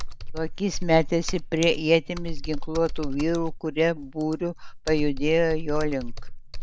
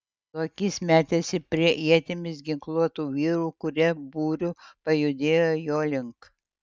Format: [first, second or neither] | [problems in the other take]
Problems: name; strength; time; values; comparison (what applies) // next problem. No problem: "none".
second | background sound (Computer keyboard); 4 dB below the speech